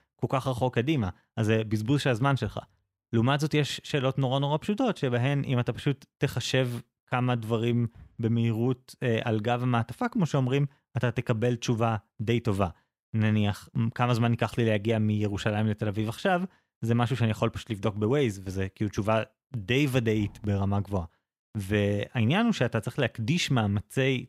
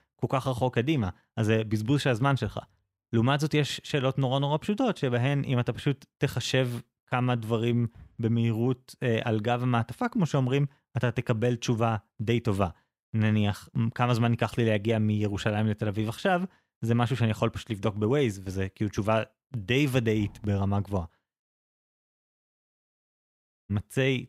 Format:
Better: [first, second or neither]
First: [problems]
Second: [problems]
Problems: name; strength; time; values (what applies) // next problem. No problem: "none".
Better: first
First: none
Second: audio cutting out; at 21 s for 2 s